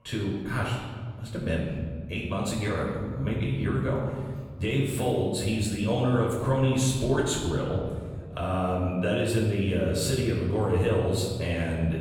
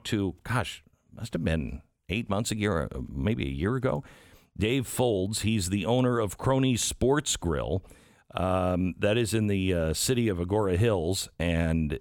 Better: second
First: off-mic speech; far // room echo; noticeable; dies away in 1.6 s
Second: none

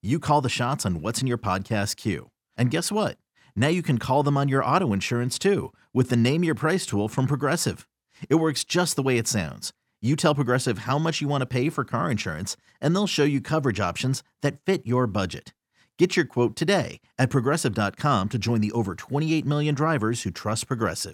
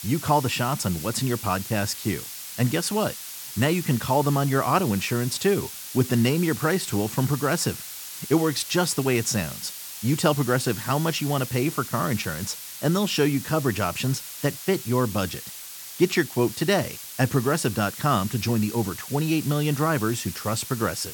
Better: first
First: none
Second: hiss; loud; throughout; 10 dB below the speech

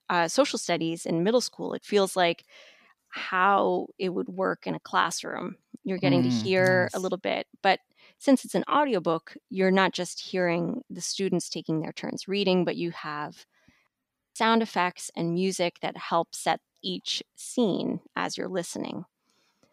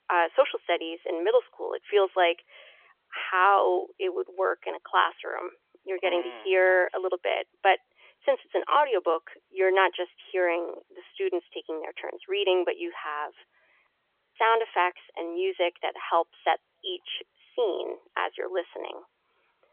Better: first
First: none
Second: phone-call audio; nothing above 3.5 kHz

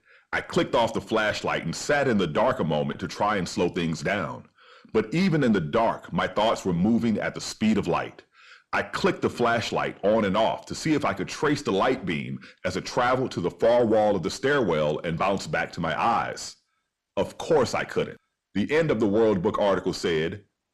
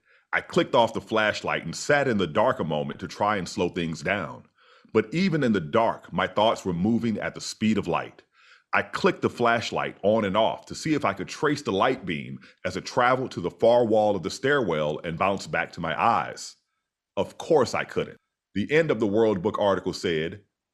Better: second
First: distortion; slight; 10 dB below the speech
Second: none

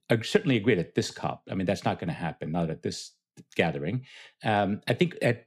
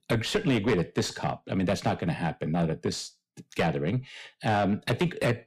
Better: first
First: none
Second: distortion; heavy; 7 dB below the speech

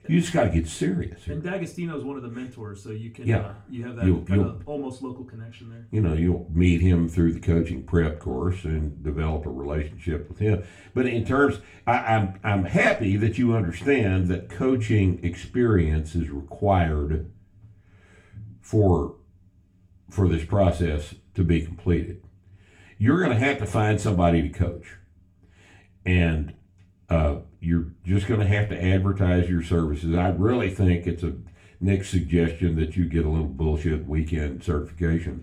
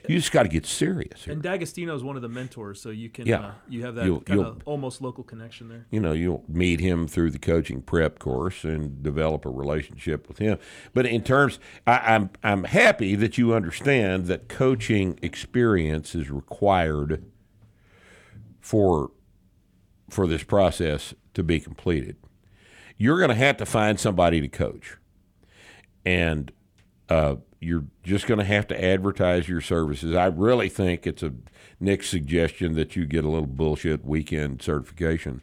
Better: second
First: room echo; very slight; dies away in 0.3 s // off-mic speech; far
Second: none

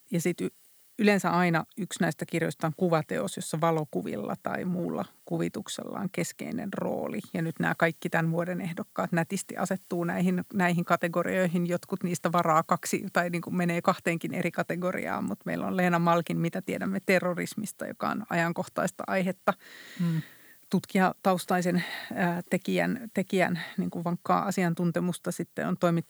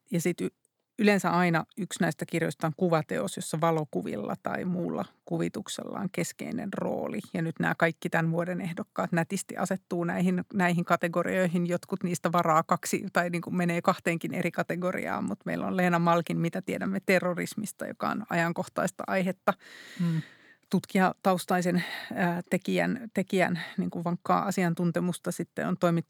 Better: second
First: hiss; faint; throughout; 25 dB below the speech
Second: none

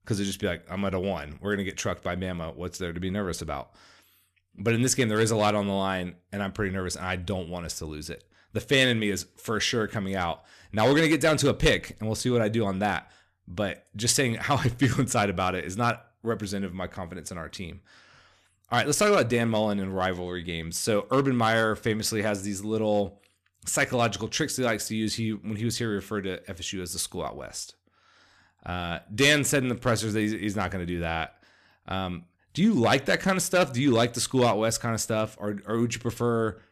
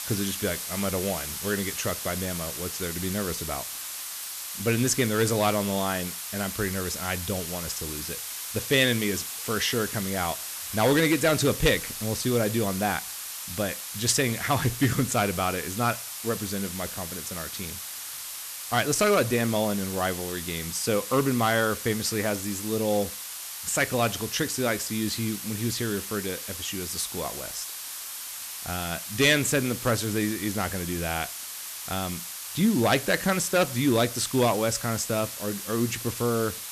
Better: first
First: none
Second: hiss; loud; throughout; 6 dB below the speech

